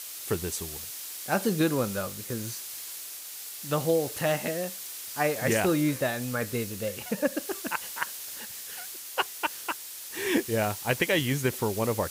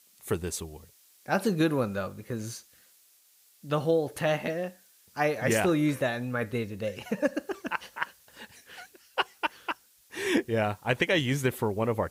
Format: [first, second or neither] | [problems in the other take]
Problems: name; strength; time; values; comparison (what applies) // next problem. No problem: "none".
second | hiss; loud; throughout; 7 dB below the speech; faint in the second